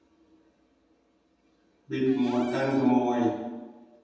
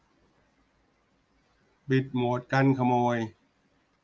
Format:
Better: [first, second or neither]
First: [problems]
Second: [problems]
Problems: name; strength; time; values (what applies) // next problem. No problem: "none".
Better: second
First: background sound (Cupboard open or close / Door); 18 dB below the speech // room echo; dies away in 1.1 s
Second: none